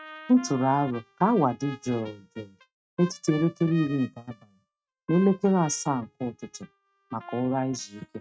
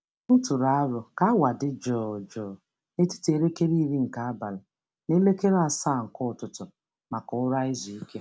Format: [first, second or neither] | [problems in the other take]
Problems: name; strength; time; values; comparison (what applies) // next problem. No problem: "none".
second | noise reduction (neural mask model RNNoise)